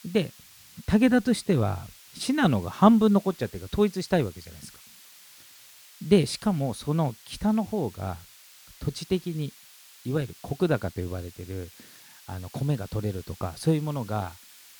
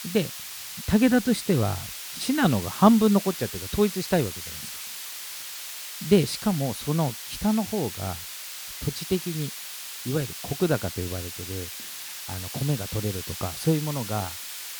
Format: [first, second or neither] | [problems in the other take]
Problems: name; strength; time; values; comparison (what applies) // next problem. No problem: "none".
first | hiss; loud; throughout; 8 dB below the speech; faint in the first